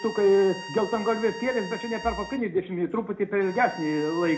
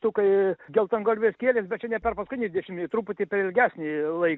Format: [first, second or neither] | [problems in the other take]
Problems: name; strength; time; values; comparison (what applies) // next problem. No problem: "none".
second | background sound (Bowed string instrument); 15 dB below the speech // room echo; dies away in 0.4 s